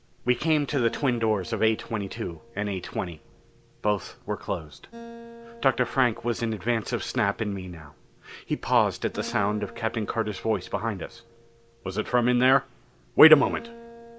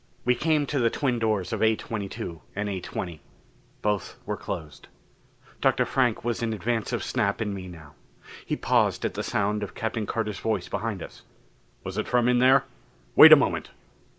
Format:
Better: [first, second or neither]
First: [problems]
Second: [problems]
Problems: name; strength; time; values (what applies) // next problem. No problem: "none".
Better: second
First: background sound (Acoustic guitar); 20 dB below the speech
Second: none